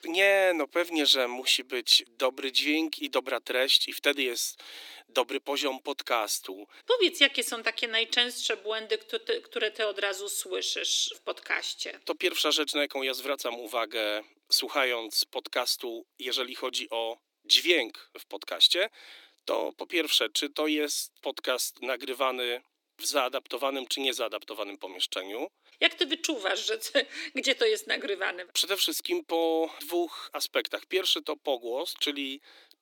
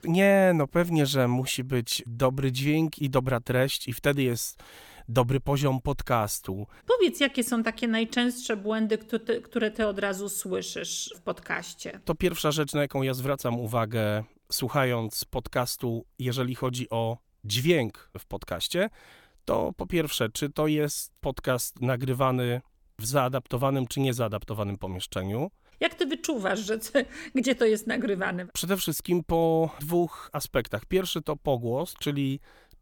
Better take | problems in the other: second | thin; somewhat; fading below 300 Hz

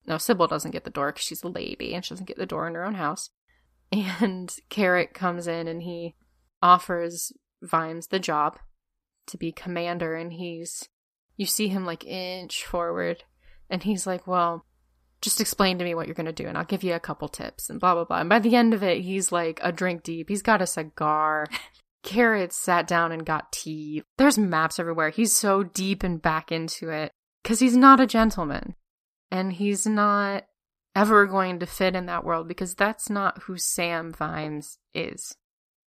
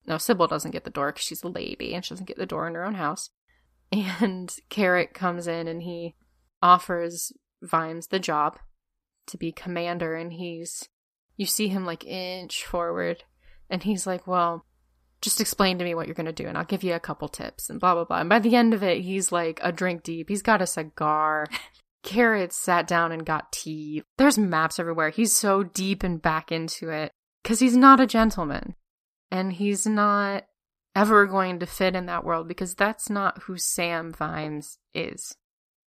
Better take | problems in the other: neither | none

